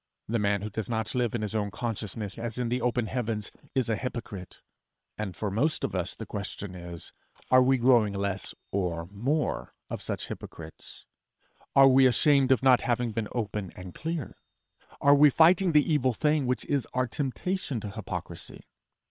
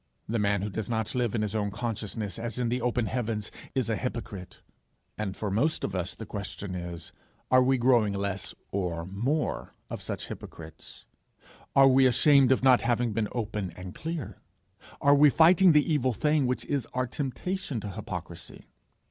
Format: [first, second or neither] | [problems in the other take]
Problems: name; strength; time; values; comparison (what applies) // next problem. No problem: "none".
second | noise reduction (neural separator model SepFormer WHAM!)